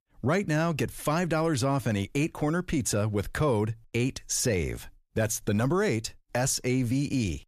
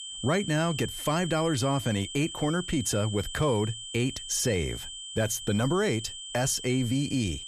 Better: first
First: none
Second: high-pitched whine; loud; throughout; 3 kHz, 9 dB below the speech

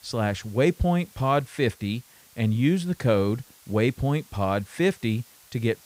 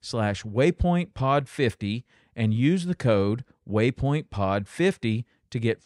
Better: second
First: hiss; faint; throughout; 25 dB below the speech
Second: none

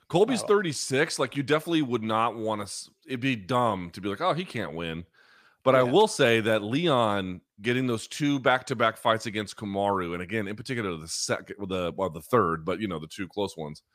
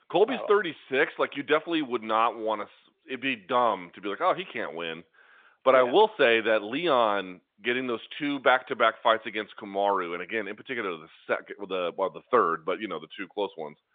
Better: first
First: none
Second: phone-call audio; nothing above 3.5 kHz

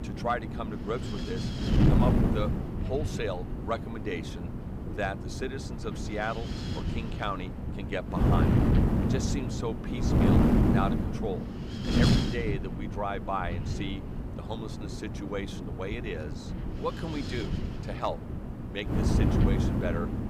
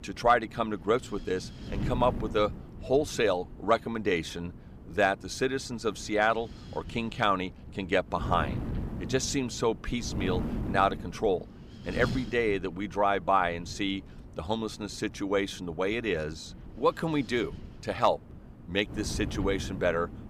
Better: second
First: wind noise on the microphone; heavy; 1 dB below the speech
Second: wind noise on the microphone; occasional gusts; 20 dB below the speech

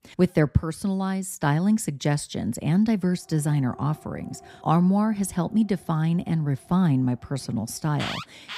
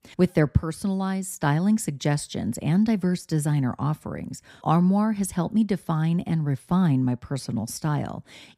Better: second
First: alarms or sirens; noticeable; from 3.5 s on; 15 dB below the speech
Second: none

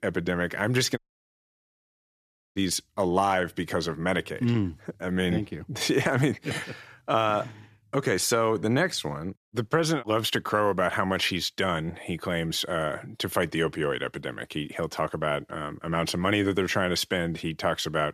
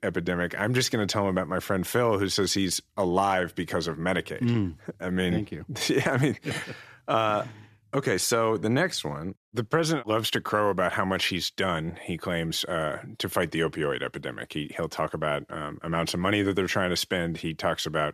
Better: second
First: audio cutting out; at 1 s for 1.5 s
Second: none

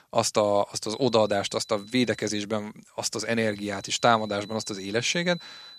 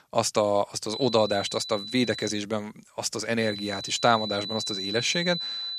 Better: first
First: high-pitched whine; faint; from 1 to 2.5 s and from 3.5 s on; 4 kHz, 20 dB below the speech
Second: high-pitched whine; loud; from 1 to 2.5 s and from 3.5 s on; 4 kHz, 6 dB below the speech

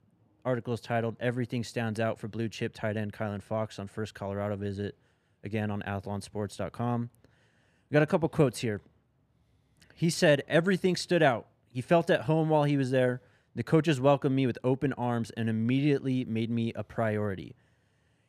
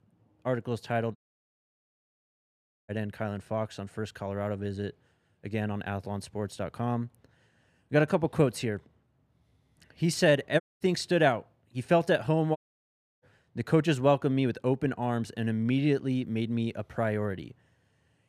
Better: first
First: none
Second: audio cutting out; at 1 s for 1.5 s, at 11 s and at 13 s for 0.5 s

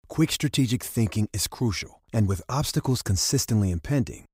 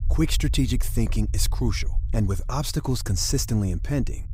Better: first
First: none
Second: low rumble; faint; throughout; 20 dB below the speech

